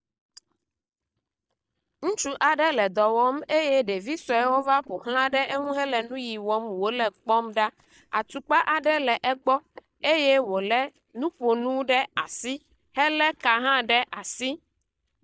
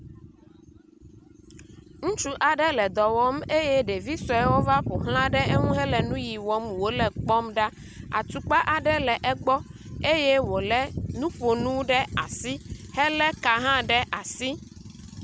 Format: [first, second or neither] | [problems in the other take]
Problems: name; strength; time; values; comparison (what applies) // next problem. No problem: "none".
second | noise reduction (neural mask model DeepFilterNet 3)